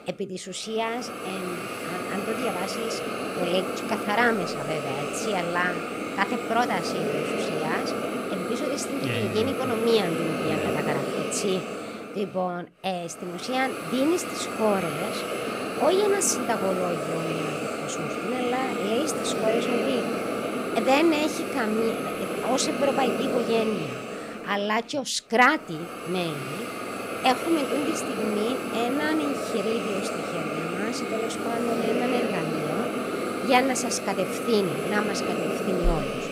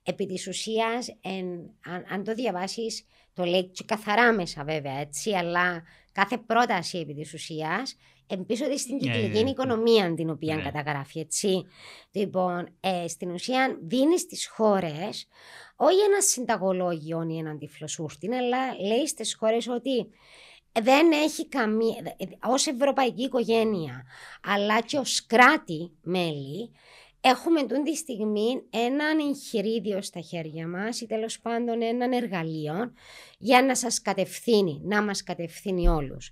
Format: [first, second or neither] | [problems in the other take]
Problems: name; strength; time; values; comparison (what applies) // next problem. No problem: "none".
second | hiss; loud; throughout; 2 dB below the speech